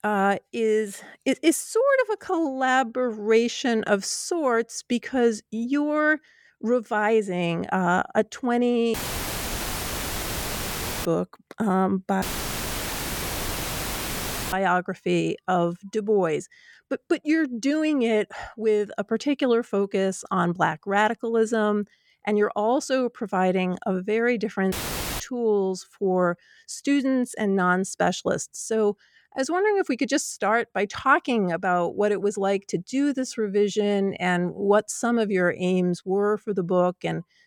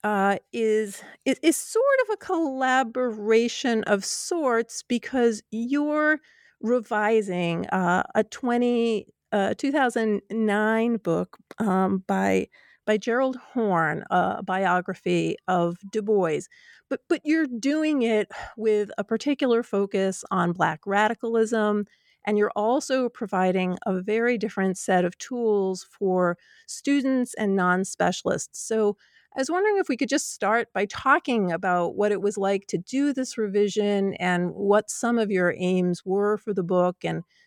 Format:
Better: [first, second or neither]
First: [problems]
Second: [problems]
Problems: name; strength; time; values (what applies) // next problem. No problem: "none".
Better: second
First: audio cutting out; filled with static; at 9 s for 2 s, at 12 s for 2.5 s and at 25 s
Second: none